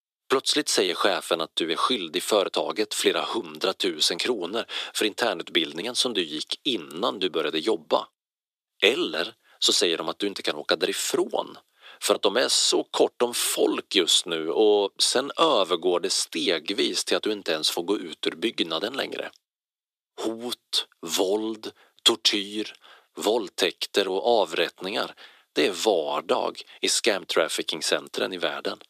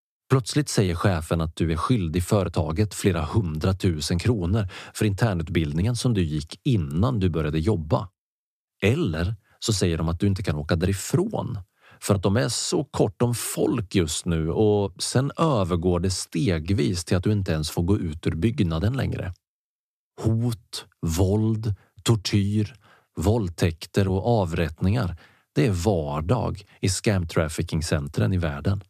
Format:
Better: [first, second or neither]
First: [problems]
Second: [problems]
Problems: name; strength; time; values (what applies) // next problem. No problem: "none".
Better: second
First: thin; very; fading below 350 Hz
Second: none